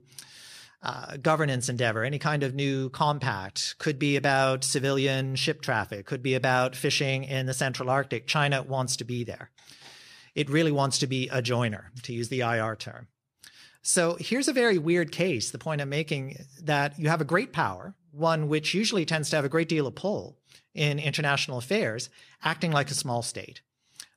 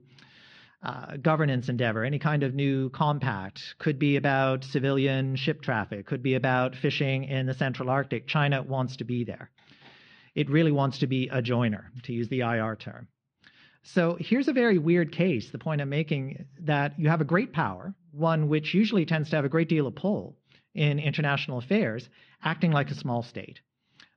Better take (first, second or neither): first